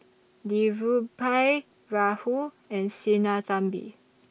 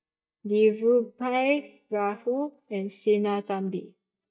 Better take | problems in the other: first | noise reduction (neural mask model DeepFilterNet 3)

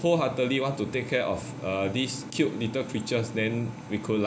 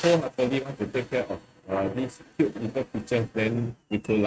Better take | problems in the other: first | noise reduction (neural mask model RNNoise)

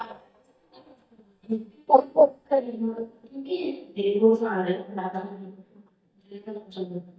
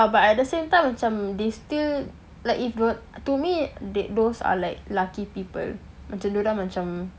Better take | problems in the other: second | noise reduction (neural mask model DeepFilterNet 3)

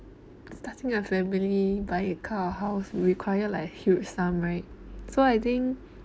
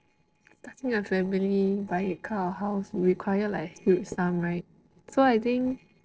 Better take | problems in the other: first | noise reduction (neural separator model SepFormer DNS4)

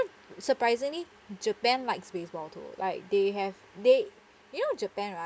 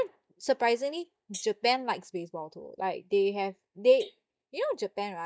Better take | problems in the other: first | noise reduction (neural mask model DeepFilterNet 3)

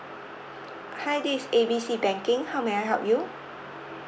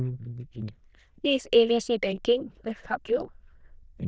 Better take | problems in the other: first | noise reduction (neural diffusion model UNIVERSE++)

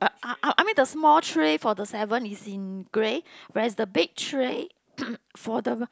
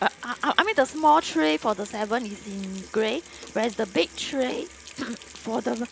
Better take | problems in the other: first | background sound (Sink (filling or washing) / Water tap, faucet); 19 dB below the speech

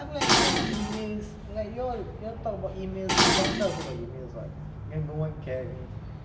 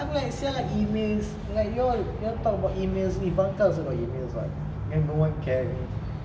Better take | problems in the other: second | background sound (Dishes, pots, and pans); 3 dB above the speech

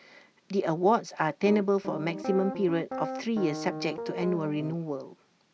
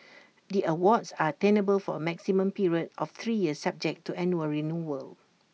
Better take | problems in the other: second | background sound (Piano); 7 dB below the speech

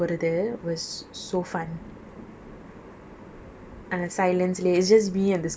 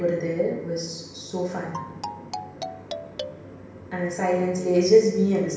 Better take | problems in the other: first | background sound (Marimba, xylophone); 11 dB below the speech // room echo; dies away in 0.9 s

